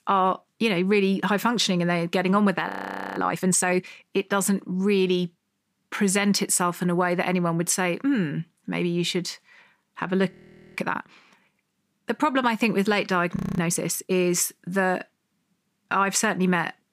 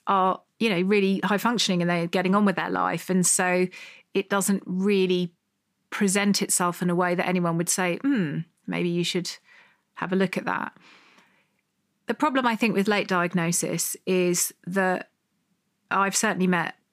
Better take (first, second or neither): second